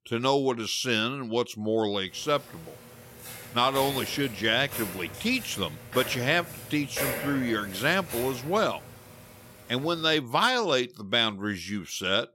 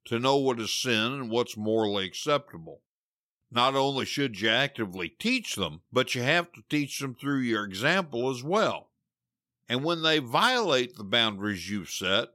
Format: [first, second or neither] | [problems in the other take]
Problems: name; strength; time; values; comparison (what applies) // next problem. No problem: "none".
second | footsteps; noticeable; from 3 to 10 s; peak 2 dB below the speech